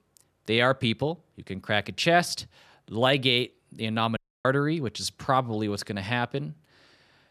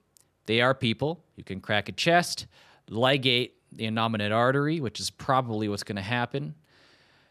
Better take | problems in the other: second | audio cutting out; at 4 s

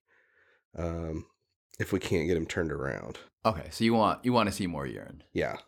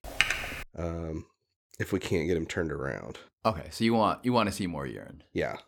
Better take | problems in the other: first | keyboard typing; loud; at the start; peak 4 dB above the speech

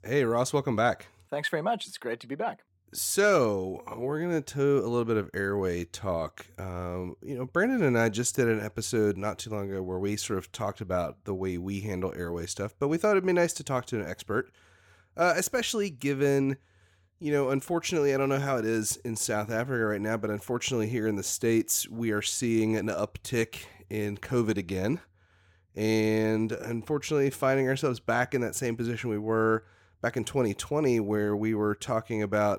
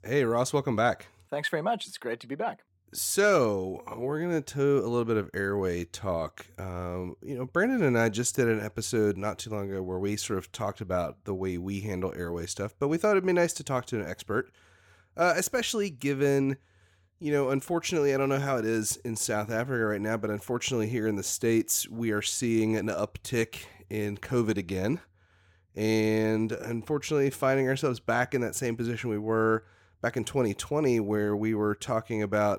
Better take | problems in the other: neither | none

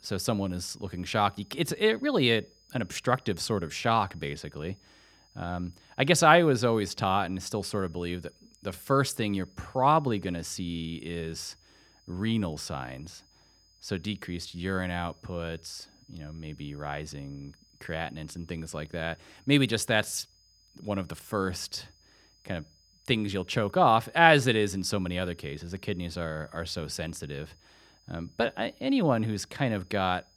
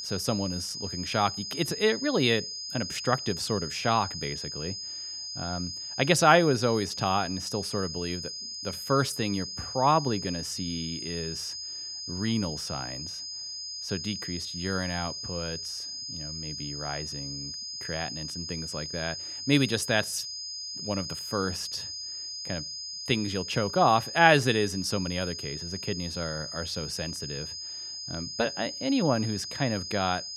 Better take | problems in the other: first | high-pitched whine; loud; throughout; 5 kHz, 6 dB below the speech; faint in the first

